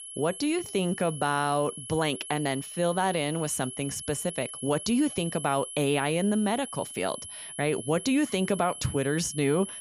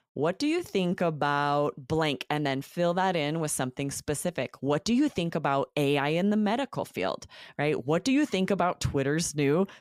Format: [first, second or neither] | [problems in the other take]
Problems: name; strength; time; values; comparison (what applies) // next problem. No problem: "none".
second | high-pitched whine; noticeable; throughout; 11 kHz, 10 dB below the speech